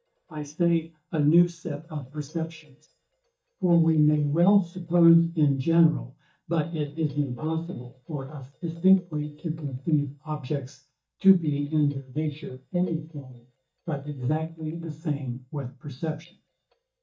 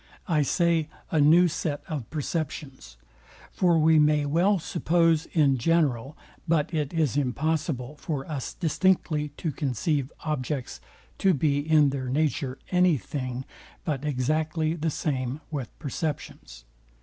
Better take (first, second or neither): second